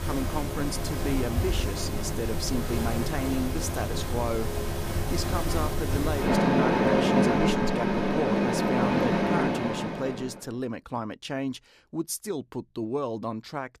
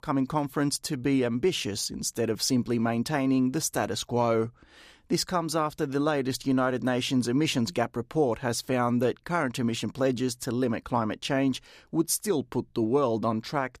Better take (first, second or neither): second